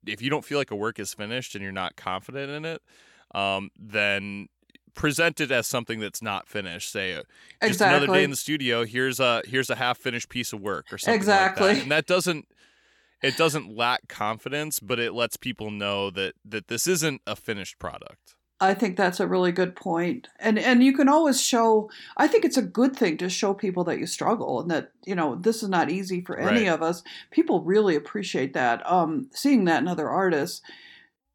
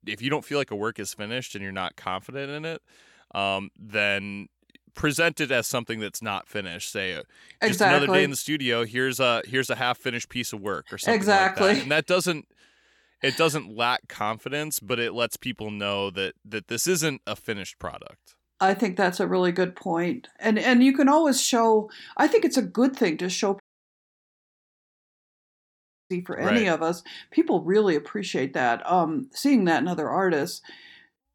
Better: first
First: none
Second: audio cutting out; at 24 s for 2.5 s

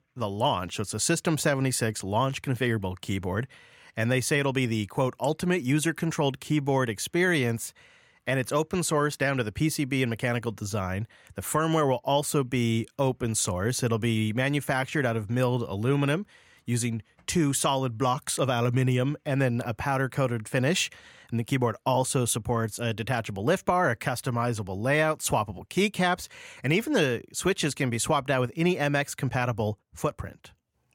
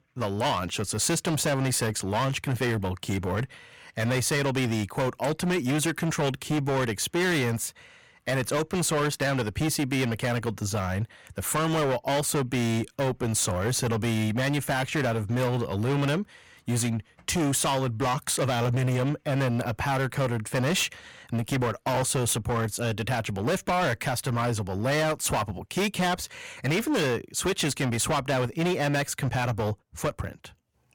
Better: first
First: none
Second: distortion; heavy; 20% of the sound clipped

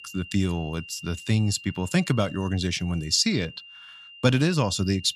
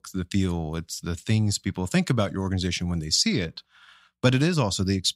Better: second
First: high-pitched whine; noticeable; throughout; 3 kHz, 15 dB below the speech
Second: none

